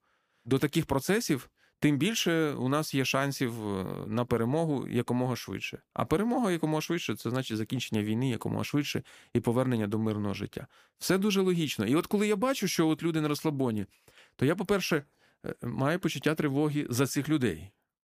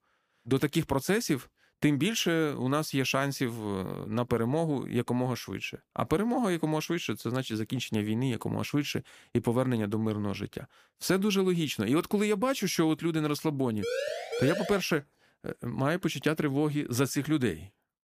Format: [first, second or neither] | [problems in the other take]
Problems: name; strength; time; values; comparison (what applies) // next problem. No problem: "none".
first | siren; noticeable; at 14 s; peak 3 dB below the speech